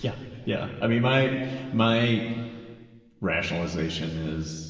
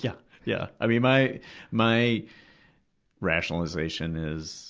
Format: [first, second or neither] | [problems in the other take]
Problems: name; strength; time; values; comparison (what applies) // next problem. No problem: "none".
second | room echo; dies away in 1.9 s